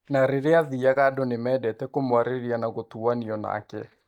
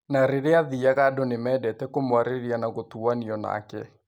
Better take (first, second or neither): second